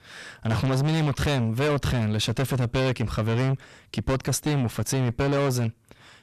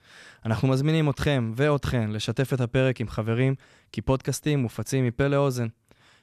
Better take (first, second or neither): second